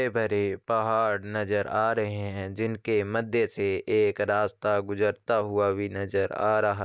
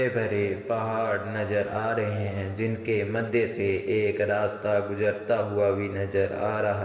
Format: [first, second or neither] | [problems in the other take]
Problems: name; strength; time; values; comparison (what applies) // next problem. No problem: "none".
first | room echo; dies away in 2.1 s